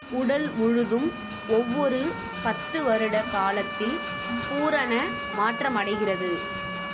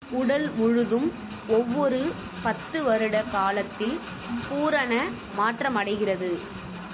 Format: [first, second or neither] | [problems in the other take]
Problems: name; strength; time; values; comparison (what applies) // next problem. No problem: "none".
second | background sound (Motor vehicle (road) / Siren); 9 dB below the speech